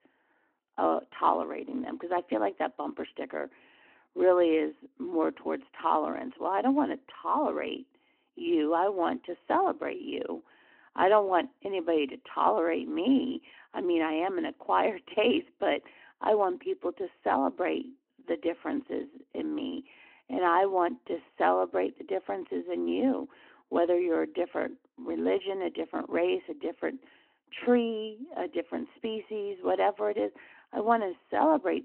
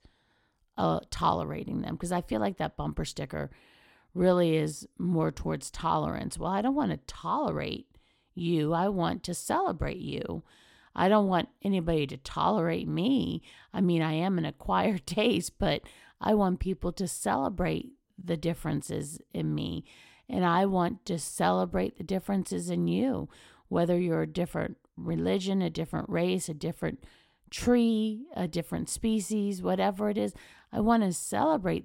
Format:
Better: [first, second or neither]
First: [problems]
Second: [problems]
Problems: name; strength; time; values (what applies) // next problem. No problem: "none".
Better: second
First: phone-call audio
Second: none